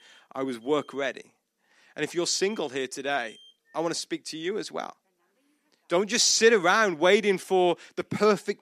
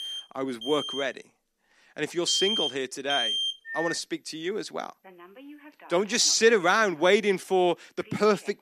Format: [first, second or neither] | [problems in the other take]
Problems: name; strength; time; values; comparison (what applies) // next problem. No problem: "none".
first | alarms or sirens; loud; throughout; 3 dB below the speech; faint in the first